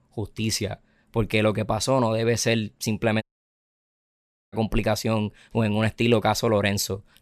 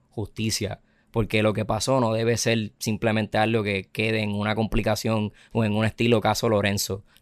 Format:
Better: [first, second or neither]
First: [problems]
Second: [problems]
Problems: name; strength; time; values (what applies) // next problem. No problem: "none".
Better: second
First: audio cutting out; at 3 s for 1.5 s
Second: none